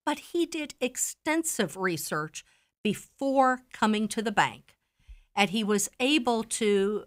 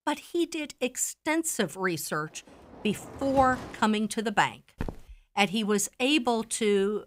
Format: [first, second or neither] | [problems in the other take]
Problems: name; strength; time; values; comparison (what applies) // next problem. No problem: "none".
first | door banging; faint; from 2.5 to 4 s; peak 10 dB below the speech // footsteps; faint; at 5 s; peak 10 dB below the speech